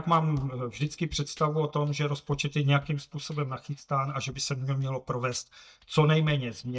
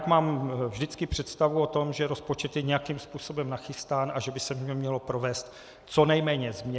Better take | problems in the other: second | noise reduction (neural mask model DeepFilterNet 3)

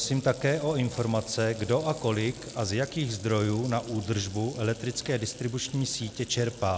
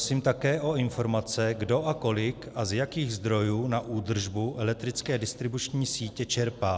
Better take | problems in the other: second | background sound (Water tap, faucet); 19 dB below the speech

